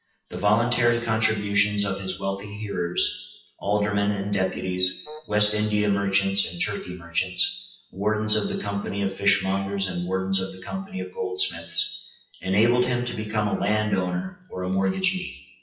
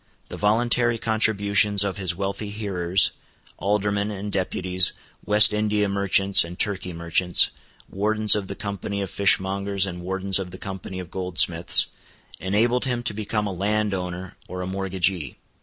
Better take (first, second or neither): second